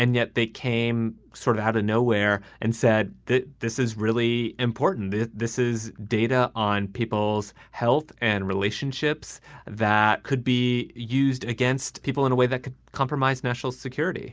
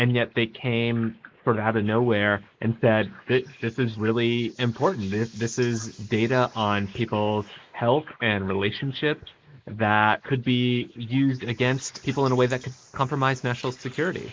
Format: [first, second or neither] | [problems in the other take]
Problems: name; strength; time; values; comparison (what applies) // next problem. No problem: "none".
first | noise reduction (neural mask model Resemble Enhance denoiser)